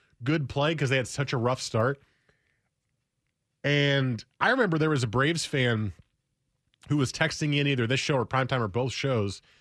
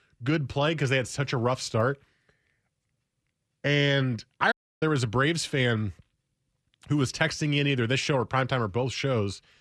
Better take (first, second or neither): first